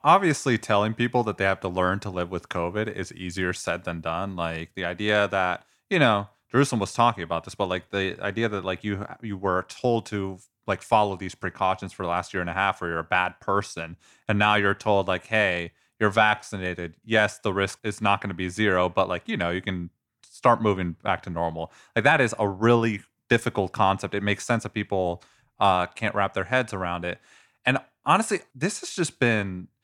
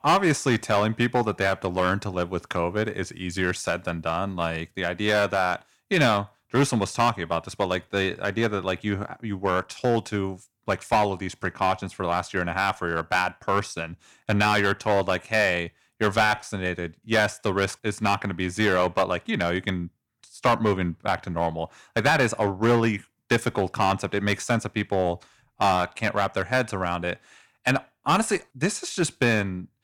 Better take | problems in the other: first | distortion; slight; 4% of the sound clipped

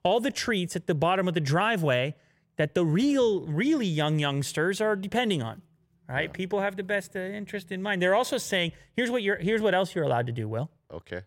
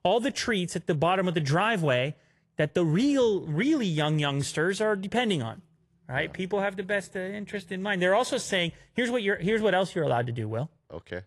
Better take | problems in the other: first | garbled, watery; slightly; nothing above 11.5 kHz

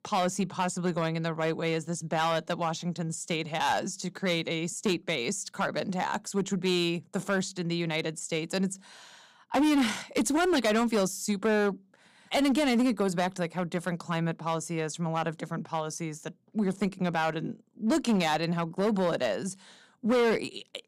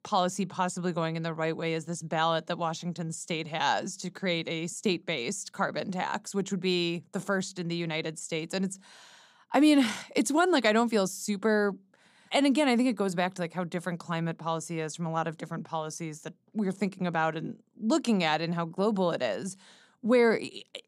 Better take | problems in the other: second | distortion; slight; 7% of the sound clipped

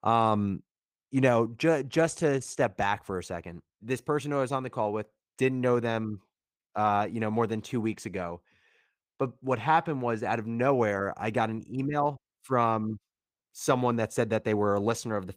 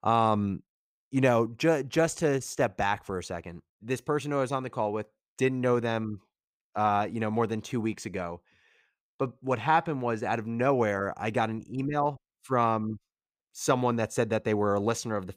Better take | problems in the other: second | garbled, watery; slightly; nothing above 15.5 kHz

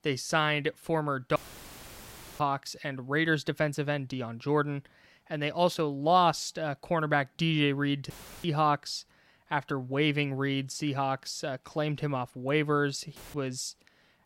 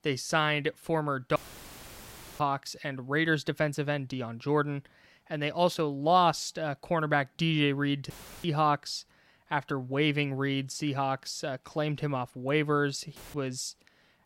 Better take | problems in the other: neither | audio cutting out; filled with static; at 1.5 s for 1 s, at 8 s and at 13 s; the same in both

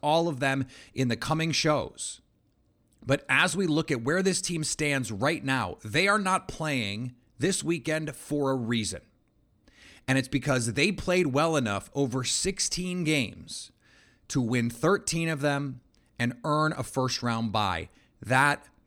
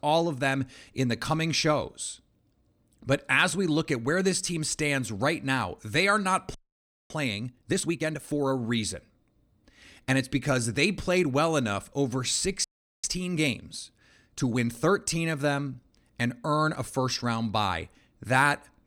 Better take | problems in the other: first | audio freezing; at 6.5 s for 0.5 s and at 13 s

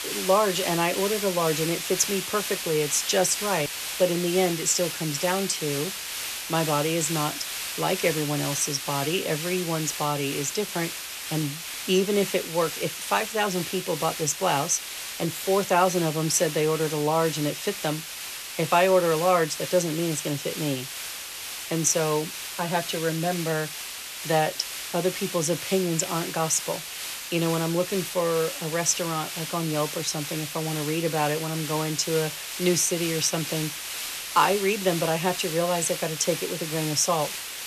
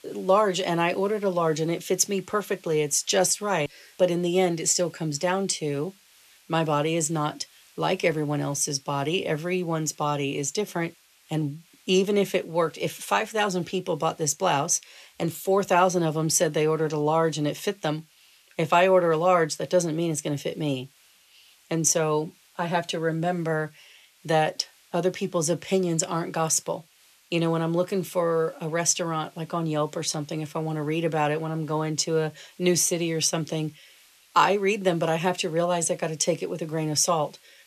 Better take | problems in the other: second | hiss; loud; throughout; 6 dB below the speech; faint in the second

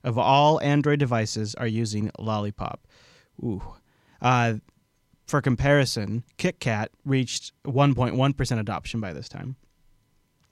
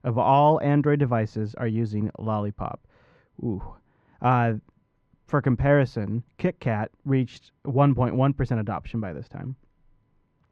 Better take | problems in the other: first | muffled; very; fading above 3.5 kHz

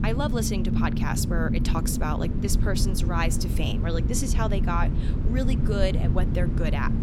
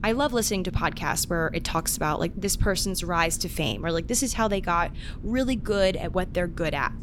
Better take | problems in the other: second | low rumble; loud; throughout; 6 dB below the speech; faint in the second

